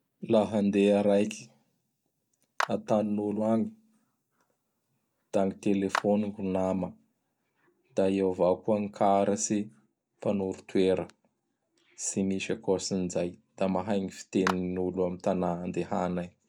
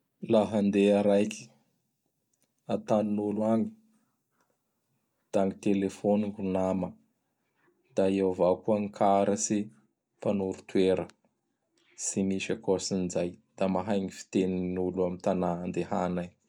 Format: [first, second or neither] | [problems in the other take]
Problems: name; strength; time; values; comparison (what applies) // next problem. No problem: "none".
second | background sound (Clapping); 10 dB below the speech